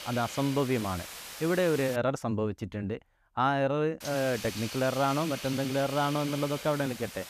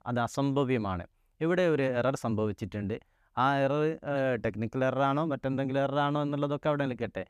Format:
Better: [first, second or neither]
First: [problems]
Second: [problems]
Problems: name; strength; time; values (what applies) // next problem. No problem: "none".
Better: second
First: hiss; loud; until 2 s and from 4 s on; 10 dB below the speech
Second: none